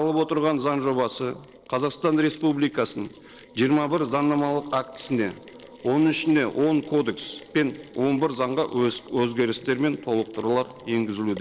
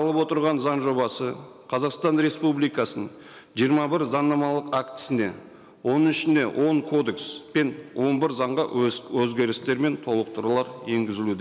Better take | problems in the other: second | noise reduction (neural separator model SepFormer DNS4)

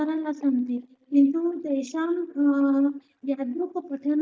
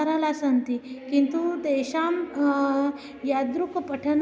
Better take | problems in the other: second | noise reduction (neural mask model DeepFilterNet 3)

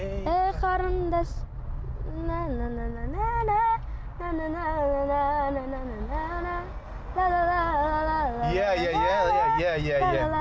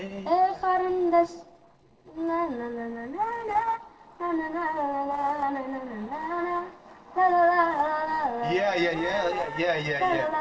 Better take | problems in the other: first | noise reduction (neural separator model SepFormer DNS4)

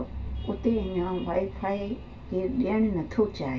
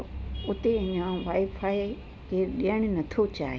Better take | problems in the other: second | room echo; dies away in 0.2 s

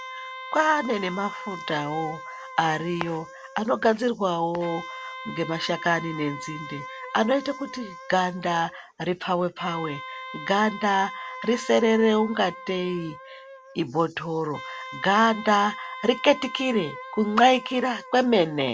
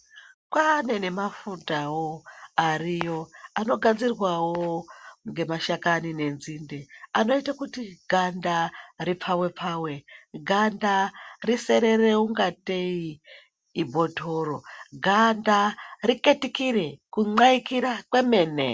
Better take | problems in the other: second | background sound (Wind instrument, woodwind instrument); 14 dB below the speech

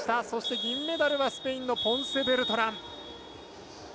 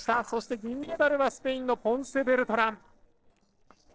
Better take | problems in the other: first | noise reduction (neural separator model SepFormer DNS4)

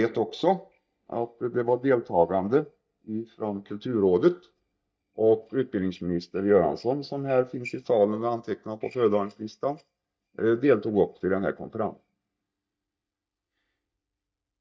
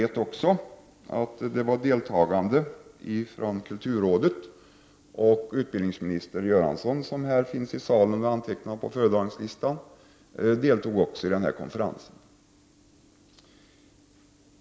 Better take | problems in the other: second | noise reduction (neural mask model DeepFilterNet 3)

